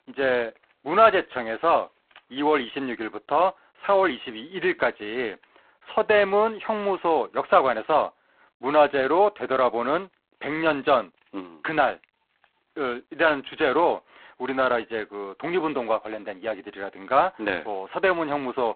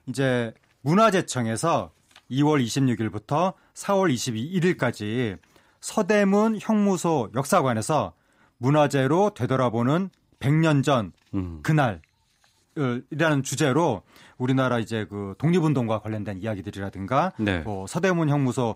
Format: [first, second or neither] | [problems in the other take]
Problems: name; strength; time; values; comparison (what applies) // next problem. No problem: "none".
second | phone-call audio; poor line; nothing above 4 kHz